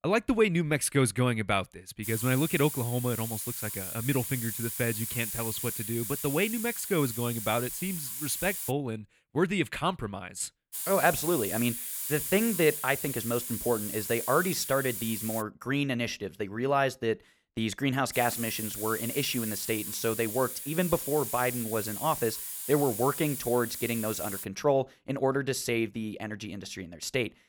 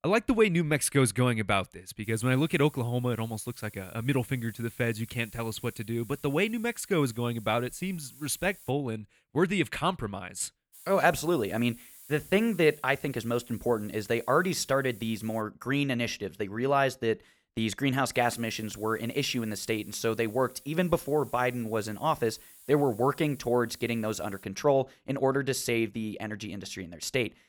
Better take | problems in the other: second | hiss; loud; from 2 to 8.5 s, from 11 to 15 s and from 18 to 24 s; 4 dB below the speech; faint in the second

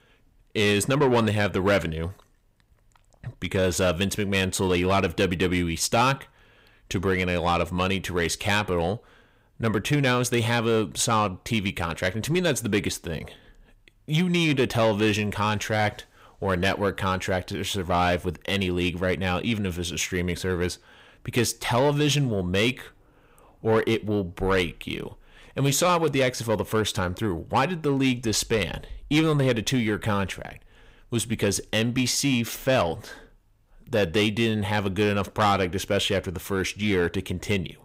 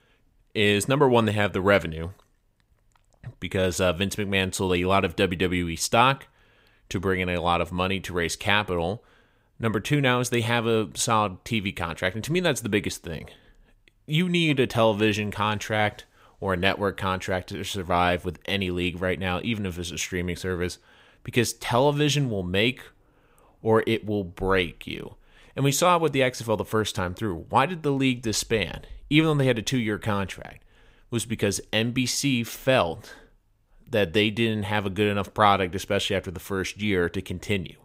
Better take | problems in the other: second | distortion; slight; 10 dB below the speech

